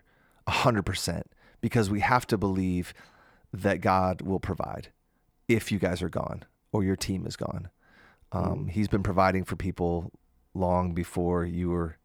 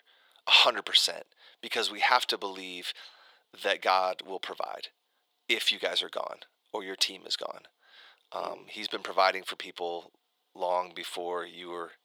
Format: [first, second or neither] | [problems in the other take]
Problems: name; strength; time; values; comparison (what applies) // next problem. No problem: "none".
first | thin; very; fading below 500 Hz